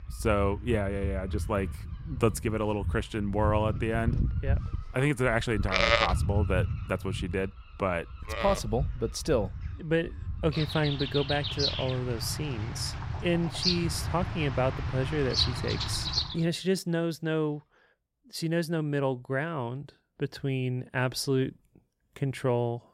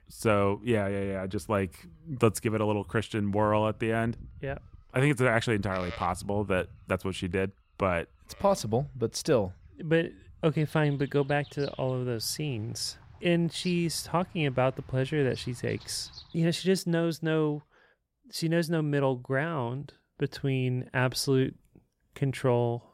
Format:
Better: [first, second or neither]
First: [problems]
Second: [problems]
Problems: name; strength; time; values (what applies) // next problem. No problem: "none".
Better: second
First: animal sounds; loud; until 16 s; 2 dB below the speech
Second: animal sounds; faint; until 16 s; 20 dB below the speech